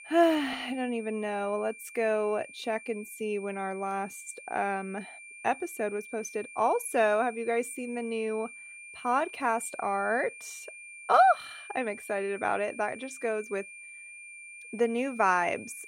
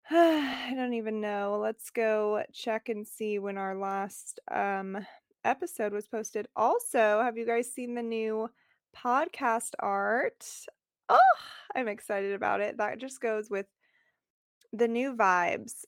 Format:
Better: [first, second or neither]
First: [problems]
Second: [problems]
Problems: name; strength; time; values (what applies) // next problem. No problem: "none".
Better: second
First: high-pitched whine; noticeable; throughout; 2.5 kHz, 15 dB below the speech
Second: none